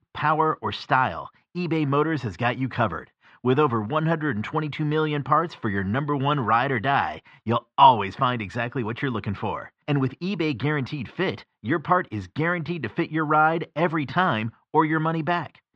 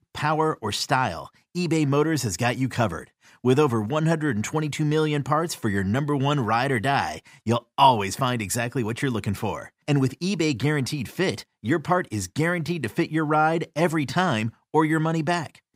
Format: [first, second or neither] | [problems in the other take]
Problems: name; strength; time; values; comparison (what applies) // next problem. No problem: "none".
second | muffled; very; fading above 3.5 kHz